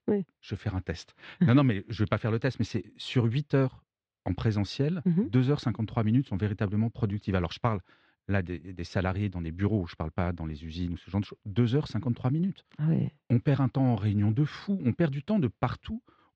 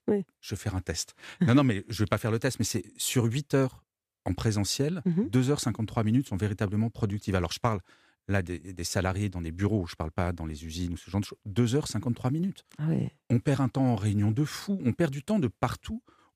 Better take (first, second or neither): second